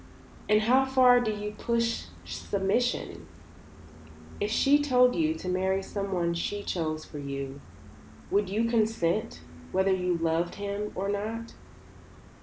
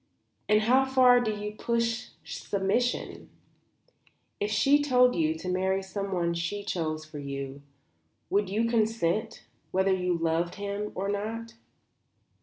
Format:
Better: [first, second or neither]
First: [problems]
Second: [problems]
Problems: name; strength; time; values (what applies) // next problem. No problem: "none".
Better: second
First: background sound (Gull, seagull); 18 dB below the speech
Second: none